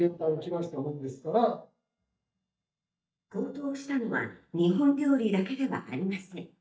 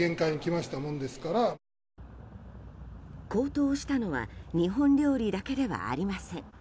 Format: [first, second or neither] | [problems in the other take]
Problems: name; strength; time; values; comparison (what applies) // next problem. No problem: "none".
second | noise reduction (neural mask model DeepFilterNet 3)